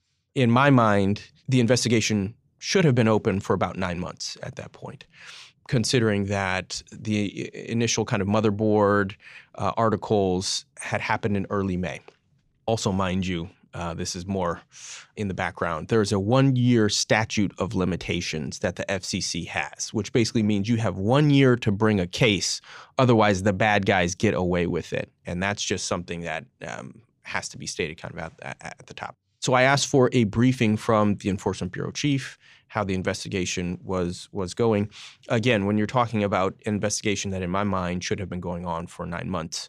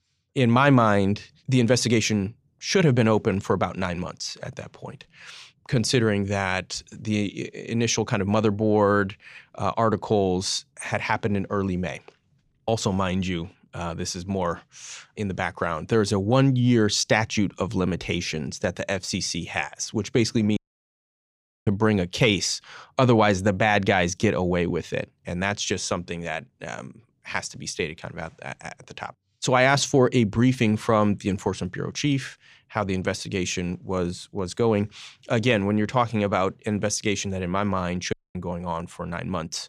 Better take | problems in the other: first | audio cutting out; at 21 s for 1 s and at 38 s

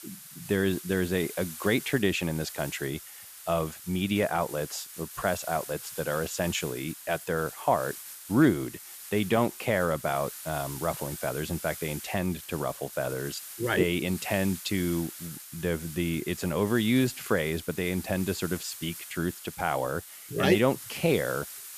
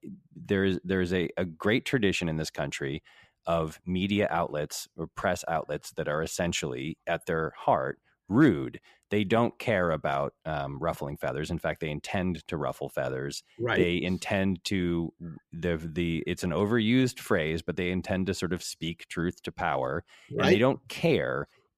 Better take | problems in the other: second | hiss; noticeable; throughout; 10 dB below the speech

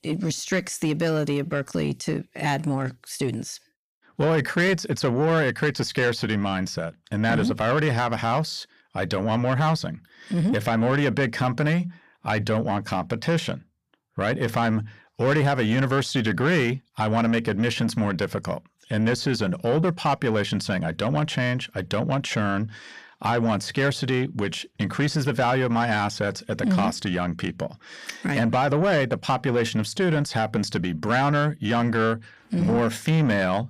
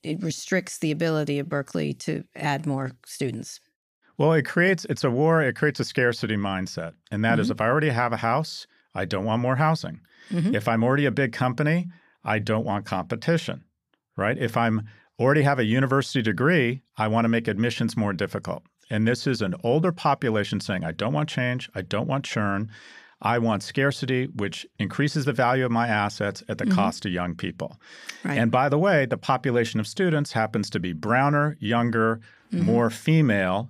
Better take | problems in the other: second | distortion; slight; 10 dB below the speech

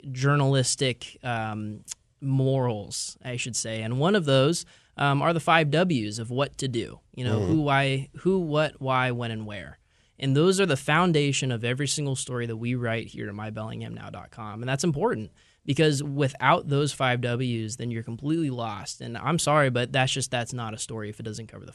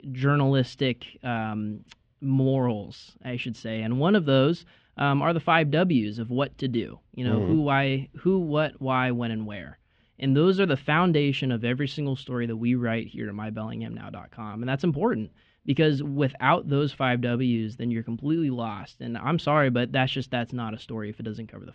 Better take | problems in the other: first | muffled; slightly; fading above 3.5 kHz

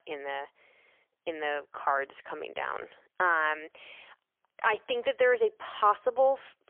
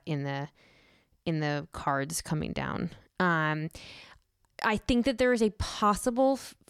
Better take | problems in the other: second | phone-call audio; poor line; nothing above 3.5 kHz

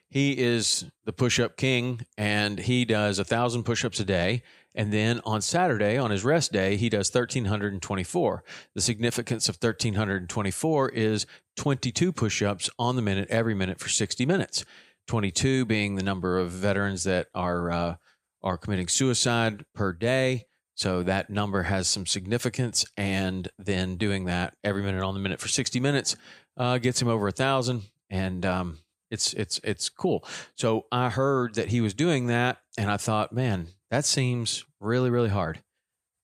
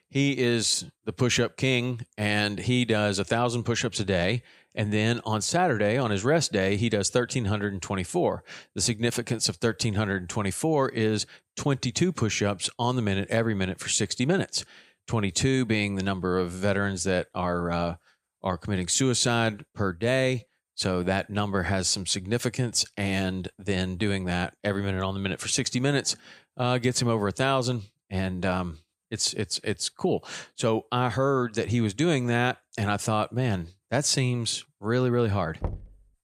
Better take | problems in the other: first | door banging; noticeable; at 36 s; peak 10 dB below the speech

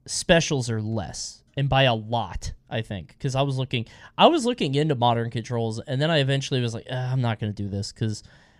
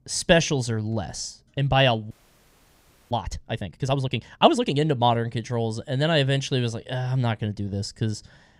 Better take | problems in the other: first | audio freezing; at 2 s for 1 s

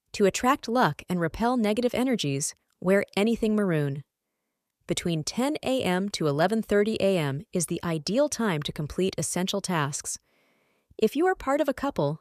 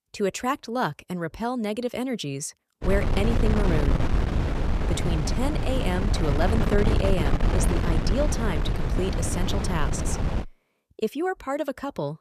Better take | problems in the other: first | wind noise on the microphone; heavy; from 3 to 10 s; 2 dB below the speech

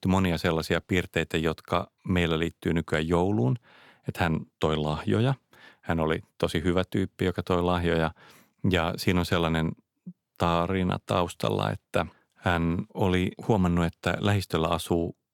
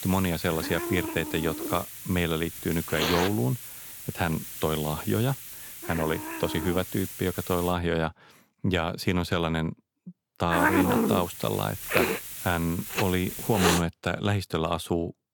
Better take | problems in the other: first | hiss; loud; until 7.5 s and from 11 to 14 s; 3 dB below the speech

